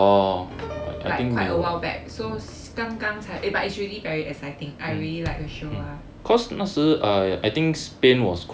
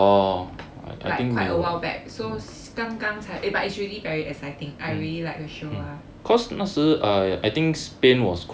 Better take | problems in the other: second | background sound (Bass drum + Piano); 15 dB below the speech

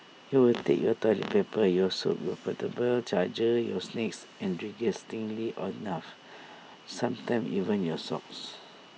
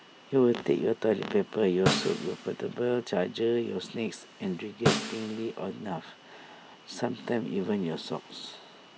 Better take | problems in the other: first | background sound (Snare drum); 4 dB below the speech

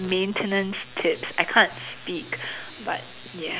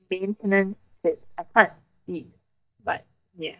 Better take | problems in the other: first | noise reduction (neural mask model DeepFilterNet 3)

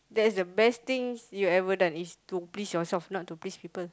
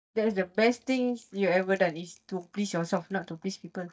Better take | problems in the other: first | noise reduction (neural mask model DeepFilterNet 3)

